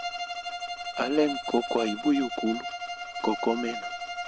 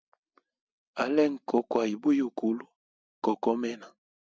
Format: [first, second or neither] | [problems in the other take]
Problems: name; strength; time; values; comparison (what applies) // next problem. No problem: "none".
second | background sound (Bowed string instrument); 5 dB below the speech